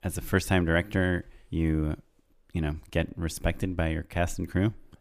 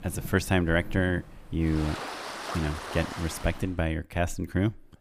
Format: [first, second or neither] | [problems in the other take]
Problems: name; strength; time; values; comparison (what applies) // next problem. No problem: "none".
first | rain or running water; loud; until 3.5 s; 10 dB below the speech